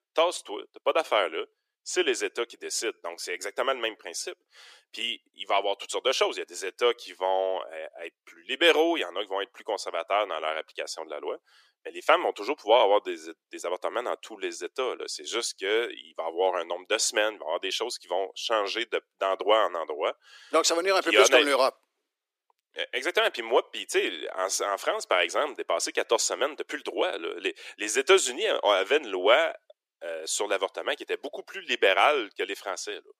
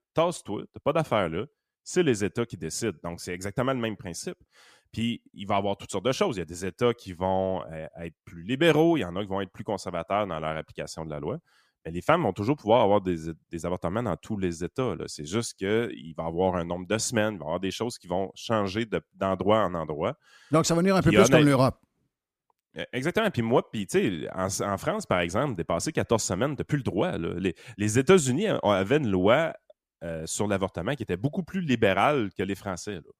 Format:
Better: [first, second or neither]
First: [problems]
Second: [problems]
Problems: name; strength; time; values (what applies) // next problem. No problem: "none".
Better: second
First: thin; very; fading below 350 Hz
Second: none